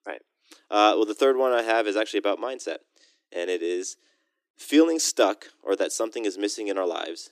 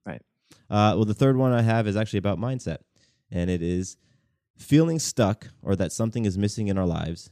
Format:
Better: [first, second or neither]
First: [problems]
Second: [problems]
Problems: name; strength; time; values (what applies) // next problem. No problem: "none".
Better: second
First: thin; very; fading below 300 Hz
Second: none